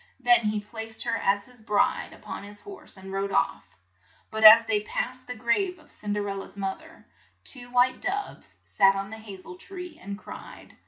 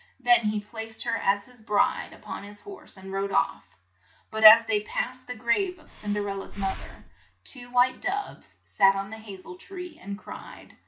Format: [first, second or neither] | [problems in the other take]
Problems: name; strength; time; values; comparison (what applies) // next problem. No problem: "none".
first | background sound (Breathing); 12 dB below the speech